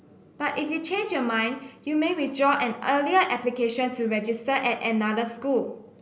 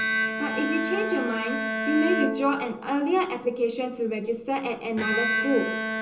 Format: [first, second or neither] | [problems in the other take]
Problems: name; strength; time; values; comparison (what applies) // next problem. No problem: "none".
first | background sound (Bowed string instrument); 3 dB below the speech // room echo; dies away in 0.2 s